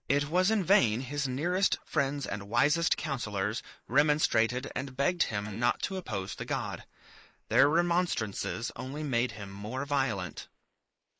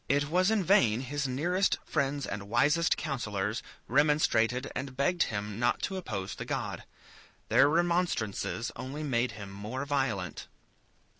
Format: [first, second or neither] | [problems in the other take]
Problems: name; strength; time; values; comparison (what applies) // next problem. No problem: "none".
second | noise reduction (neural mask model Resemble Enhance denoiser)